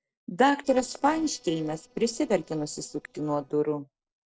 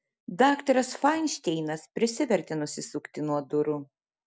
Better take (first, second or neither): second